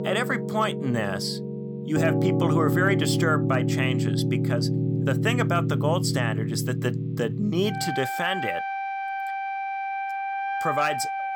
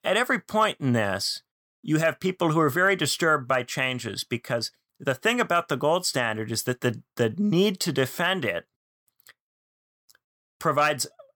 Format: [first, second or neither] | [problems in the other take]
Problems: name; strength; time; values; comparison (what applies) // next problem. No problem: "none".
second | background music; very loud; throughout; 1 dB above the speech